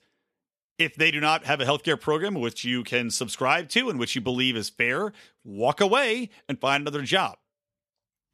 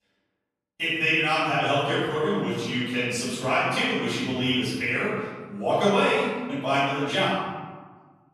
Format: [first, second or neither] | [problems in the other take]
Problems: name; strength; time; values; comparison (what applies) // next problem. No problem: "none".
first | off-mic speech; far // room echo; strong; dies away in 1.4 s